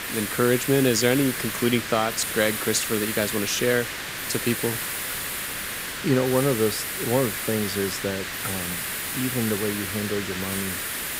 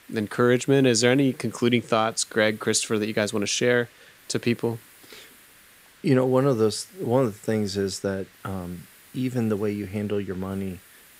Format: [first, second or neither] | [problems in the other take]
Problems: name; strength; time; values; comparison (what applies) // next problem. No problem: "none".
second | hiss; loud; throughout; 3 dB below the speech; faint in the second